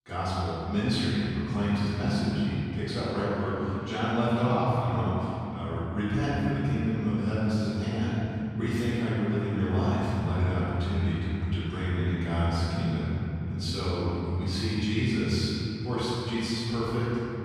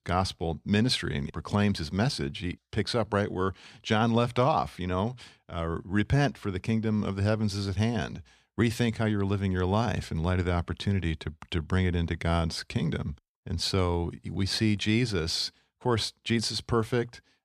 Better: second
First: off-mic speech; far // room echo; strong; dies away in 3 s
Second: none

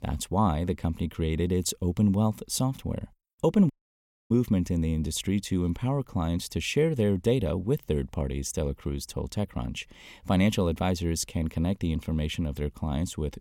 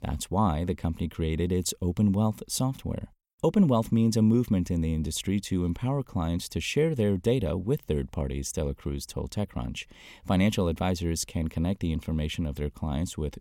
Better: second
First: audio cutting out; at 3.5 s for 0.5 s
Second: none

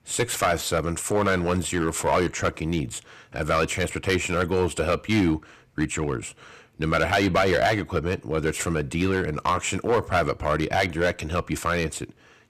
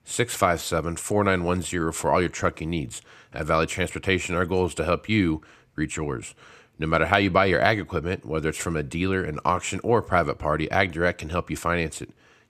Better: second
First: distortion; heavy; 5% of the sound clipped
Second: none

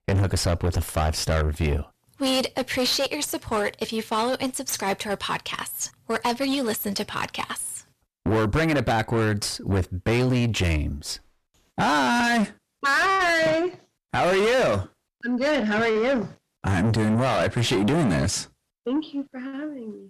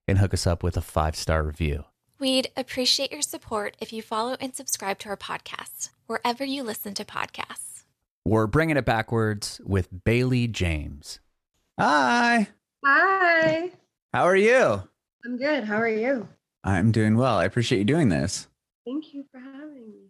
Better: second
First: distortion; heavy; 6 dB below the speech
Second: none

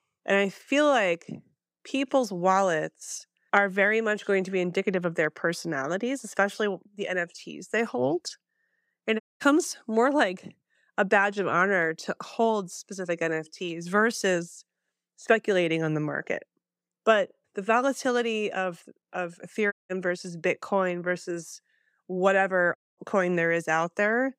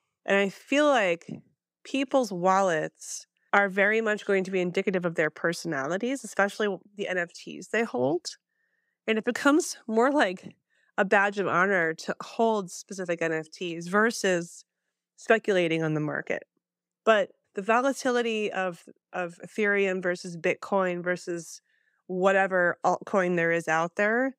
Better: second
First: audio cutting out; at 9 s, at 20 s and at 23 s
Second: none

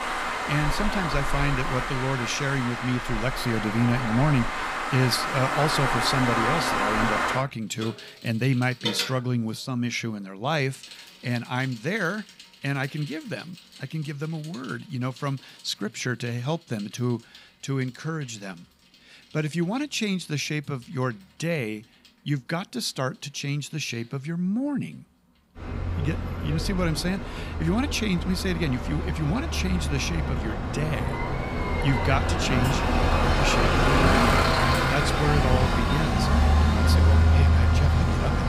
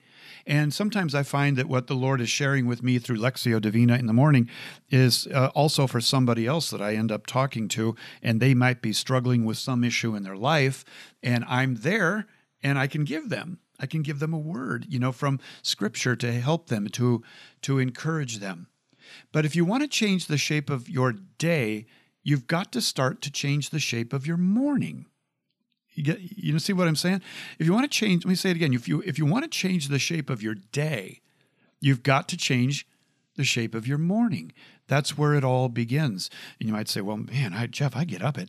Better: second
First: traffic noise; very loud; throughout; 3 dB above the speech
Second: none

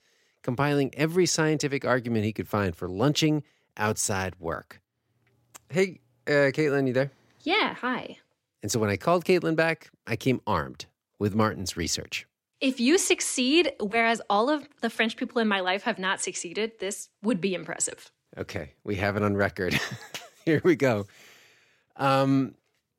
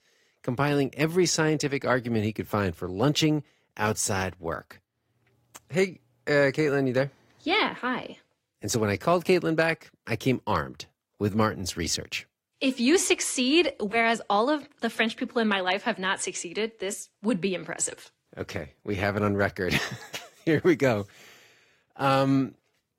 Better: first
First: none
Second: garbled, watery; slightly; nothing above 16 kHz

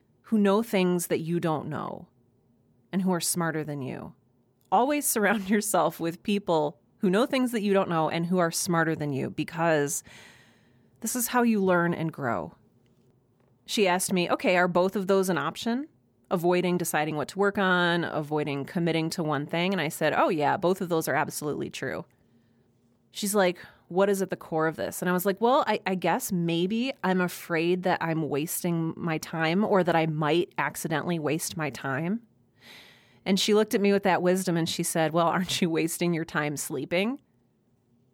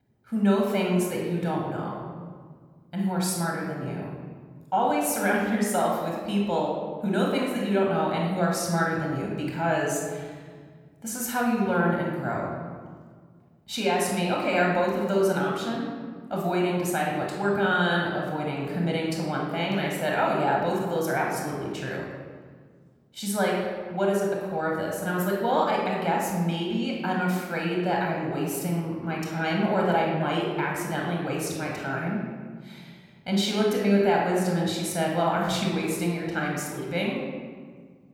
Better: first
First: none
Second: off-mic speech; somewhat distant // room echo; noticeable; dies away in 1.5 s

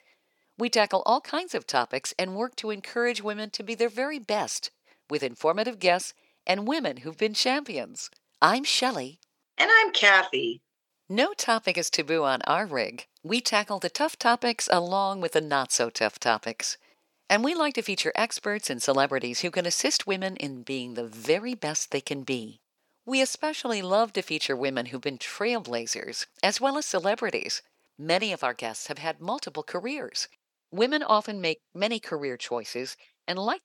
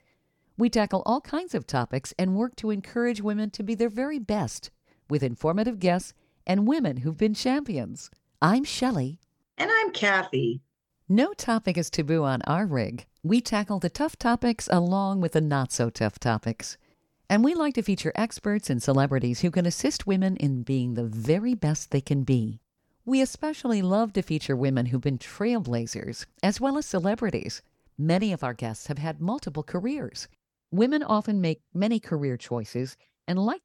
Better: second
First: thin; somewhat; fading below 500 Hz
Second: none

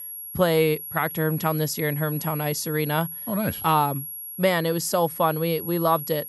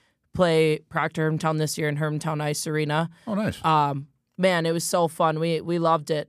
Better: second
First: high-pitched whine; loud; throughout; 11.5 kHz, 9 dB below the speech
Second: none

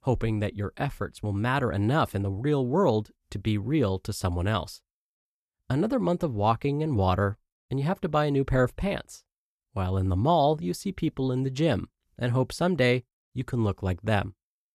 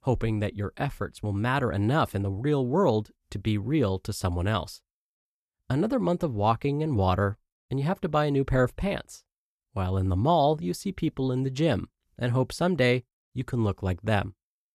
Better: neither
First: none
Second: none

